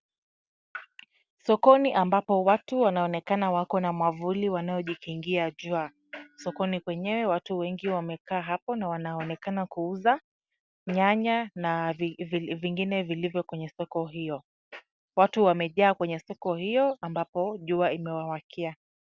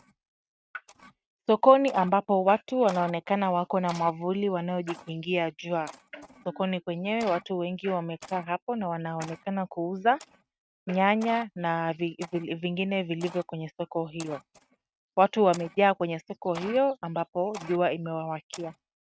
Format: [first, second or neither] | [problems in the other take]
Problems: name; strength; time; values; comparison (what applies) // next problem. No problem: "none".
first | noise reduction (neural mask model RNNoise)